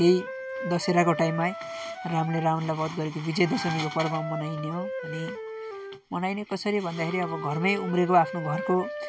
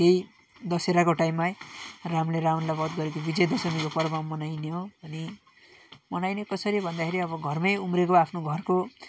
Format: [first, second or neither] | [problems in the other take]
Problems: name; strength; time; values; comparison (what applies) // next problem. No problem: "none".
second | background sound (Wind instrument, woodwind instrument); 10 dB below the speech